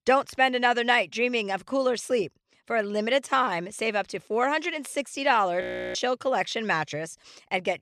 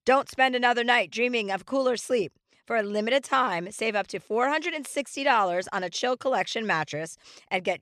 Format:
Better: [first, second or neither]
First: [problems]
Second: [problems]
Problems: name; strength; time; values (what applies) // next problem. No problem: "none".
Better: second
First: audio freezing; at 5.5 s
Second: none